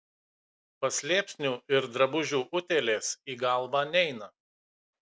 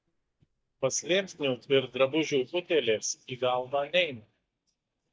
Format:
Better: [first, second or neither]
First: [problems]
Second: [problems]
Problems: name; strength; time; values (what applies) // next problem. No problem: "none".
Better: first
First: none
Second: noise reduction (neural mask model DeepFilterNet 3)